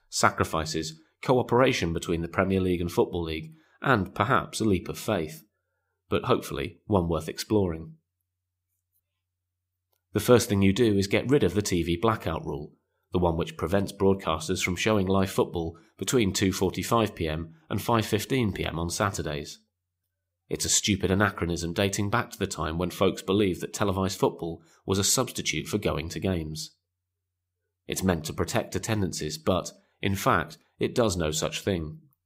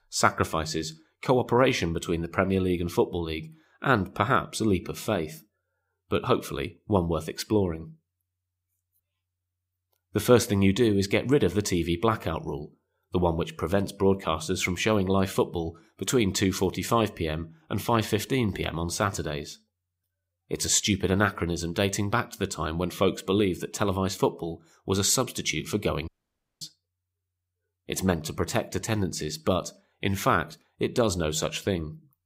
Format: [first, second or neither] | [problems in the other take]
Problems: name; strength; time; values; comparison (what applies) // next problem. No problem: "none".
first | audio cutting out; at 26 s for 0.5 s